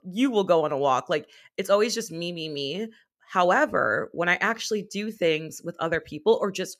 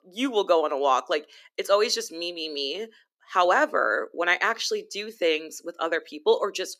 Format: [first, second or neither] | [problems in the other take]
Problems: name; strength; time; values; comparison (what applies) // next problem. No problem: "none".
first | thin; very slightly; fading below 300 Hz